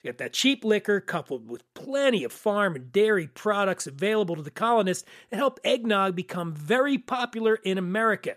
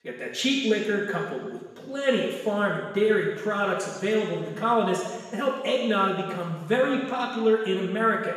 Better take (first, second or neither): first